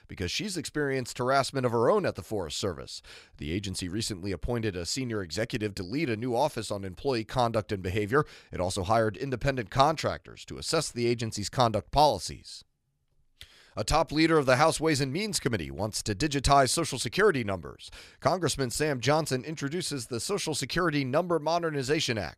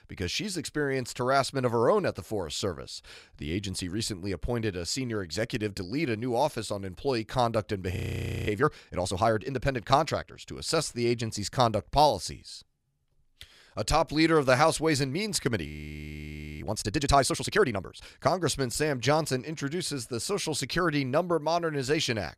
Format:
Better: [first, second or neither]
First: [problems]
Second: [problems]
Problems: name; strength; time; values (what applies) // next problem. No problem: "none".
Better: first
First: none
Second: audio freezing; at 8 s for 0.5 s and at 16 s for 1 s